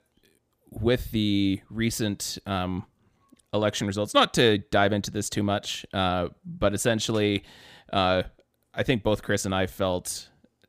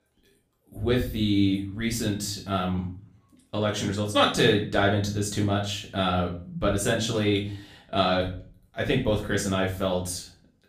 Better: first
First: none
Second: room echo; slight; dies away in 0.4 s // off-mic speech; far

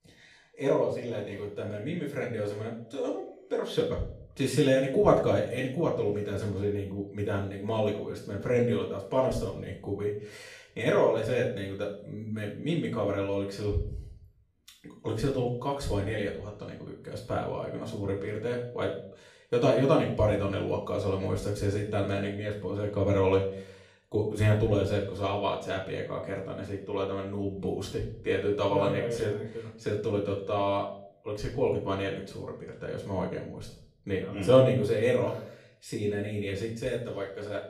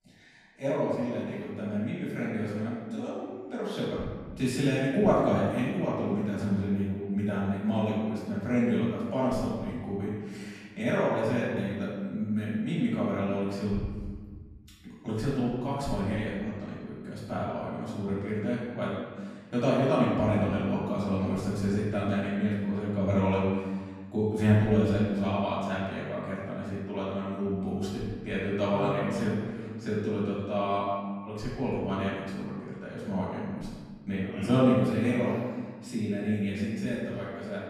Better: first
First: room echo; slight; dies away in 0.5 s // off-mic speech; far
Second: room echo; strong; dies away in 1.6 s // off-mic speech; far

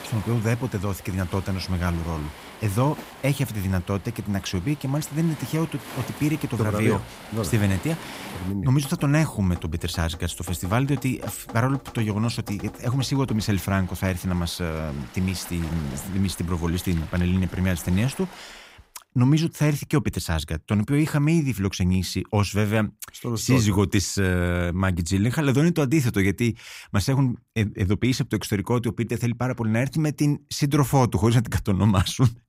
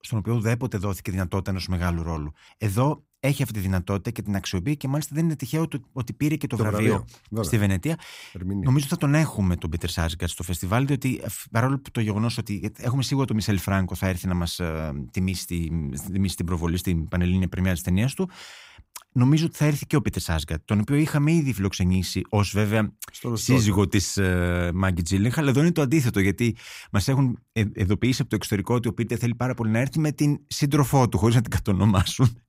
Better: second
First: rain or running water; noticeable; until 18 s; 15 dB below the speech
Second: none

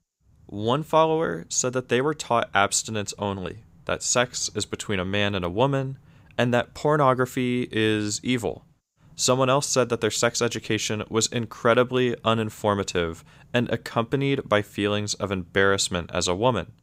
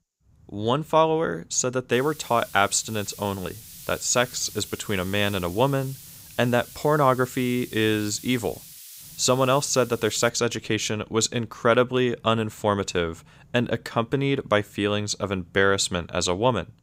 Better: first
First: none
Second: hiss; noticeable; from 2 to 10 s; 15 dB below the speech

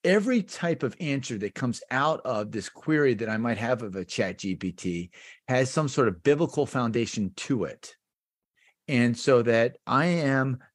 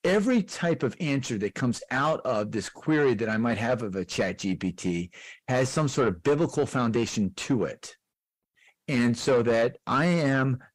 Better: first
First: none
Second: distortion; slight; 10 dB below the speech

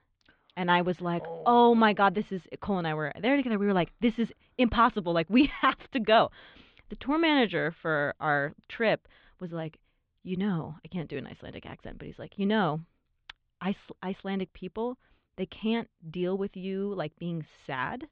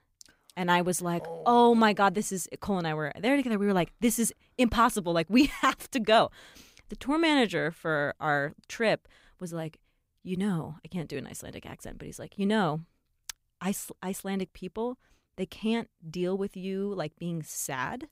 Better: second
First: muffled; very; fading above 3.5 kHz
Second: none

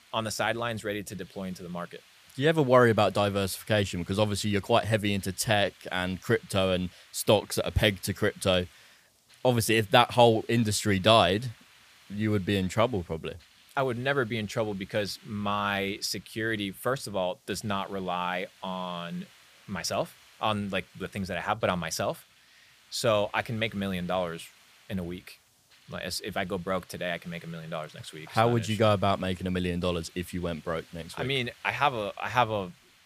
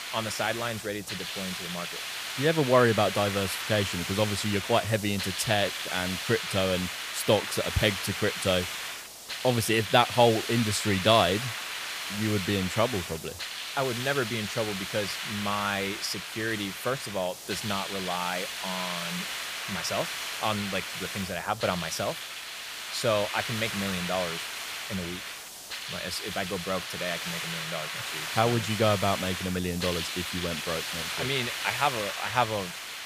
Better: first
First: hiss; faint; throughout; 25 dB below the speech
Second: hiss; loud; throughout; 4 dB below the speech

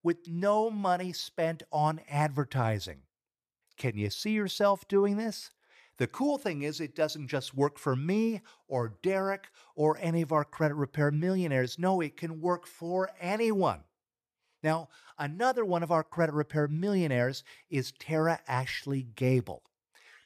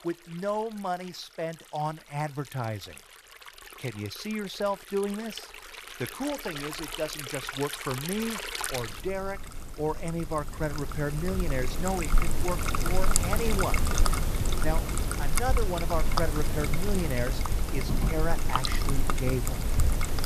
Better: first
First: none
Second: rain or running water; very loud; throughout; 2 dB above the speech

